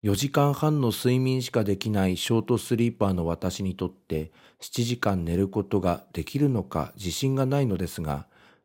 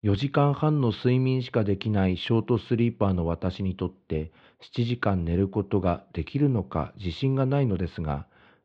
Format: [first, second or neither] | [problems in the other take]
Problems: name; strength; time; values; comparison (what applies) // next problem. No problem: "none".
first | muffled; slightly; fading above 3.5 kHz